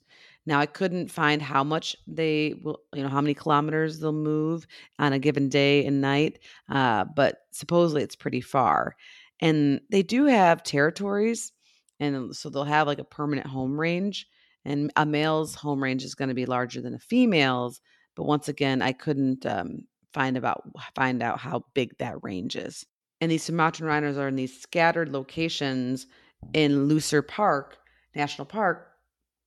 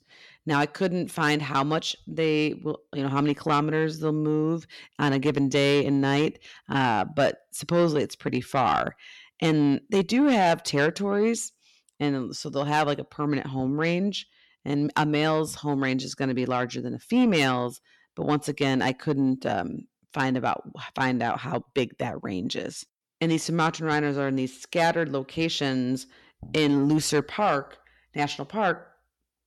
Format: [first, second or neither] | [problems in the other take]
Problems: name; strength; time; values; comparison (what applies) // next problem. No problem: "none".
first | distortion; slight; 10 dB below the speech